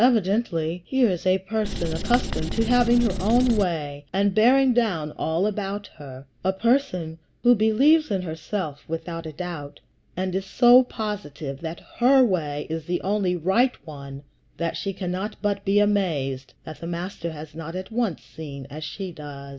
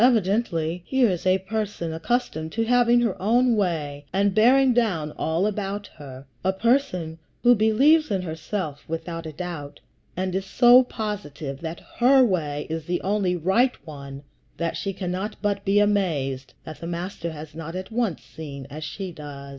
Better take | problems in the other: second | background sound (Writing); 3 dB below the speech

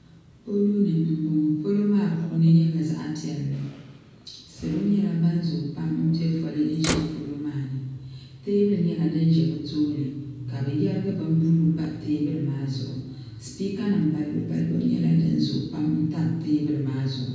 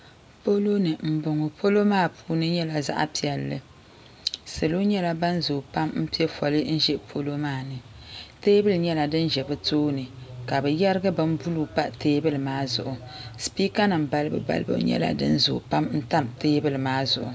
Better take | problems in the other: second | background sound (Motor vehicle (road)); 20 dB below the speech // room echo; dies away in 1.1 s

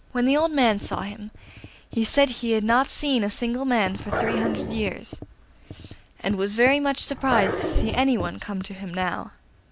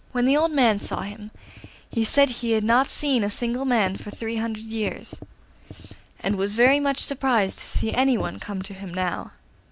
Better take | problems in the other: second | background sound (Growling); 4 dB below the speech

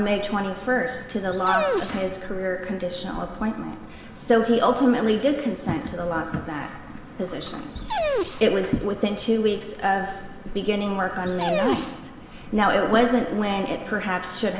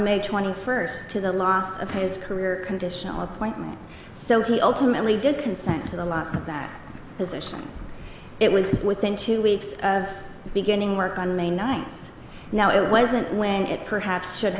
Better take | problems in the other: second | background sound (Dog); 5 dB below the speech // room echo; dies away in 1.4 s

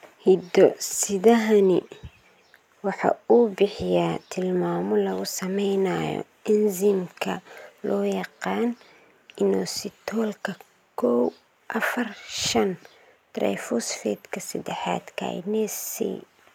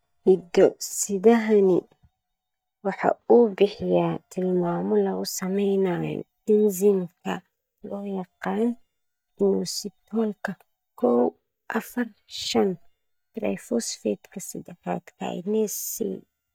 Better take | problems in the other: first | noise reduction (neural mask model DeepFilterNet 3)

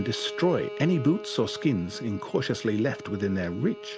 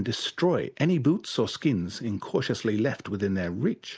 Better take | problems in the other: second | background sound (Bowed string instrument); 12 dB below the speech

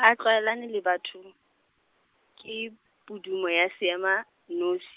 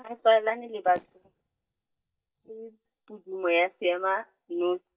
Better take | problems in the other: first | noise reduction (neural mask model DeepFilterNet 3)

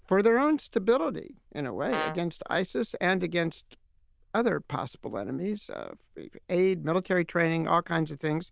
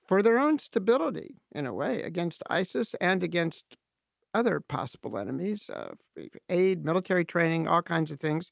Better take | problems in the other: second | noise reduction (neural diffusion model UNIVERSE++)

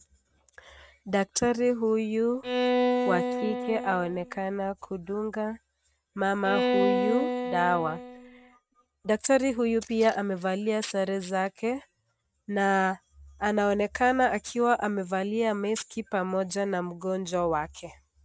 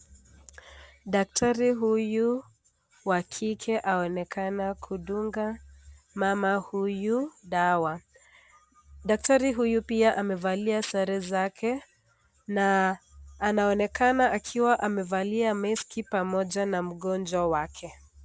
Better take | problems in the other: second | noise reduction (neural mask model RNNoise)

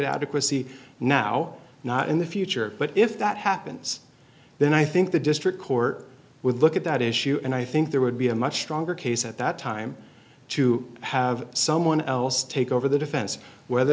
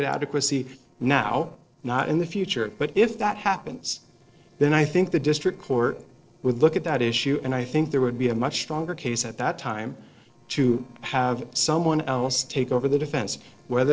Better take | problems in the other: first | noise reduction (neural separator model SepFormer DNS4)

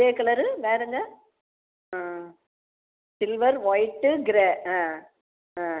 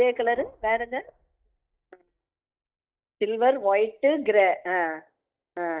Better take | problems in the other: first | noise reduction (neural mask model DeepFilterNet 3)

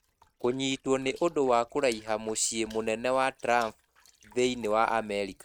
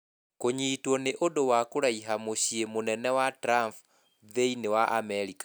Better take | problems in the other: second | noise reduction (neural mask model RNNoise)

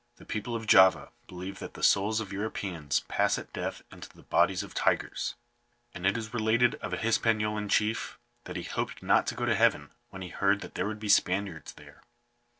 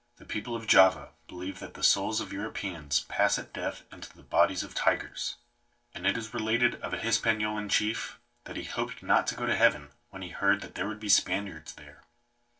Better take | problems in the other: first | room echo; dies away in 0.2 s

